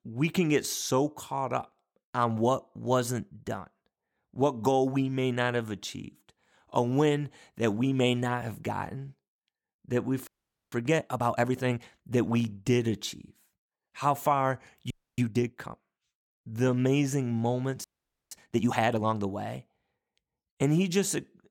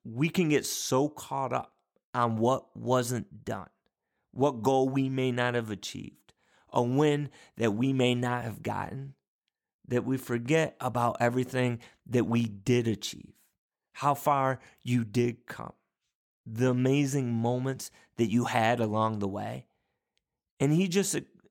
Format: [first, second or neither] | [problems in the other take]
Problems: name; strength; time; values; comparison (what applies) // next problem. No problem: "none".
second | audio freezing; at 10 s, at 15 s and at 18 s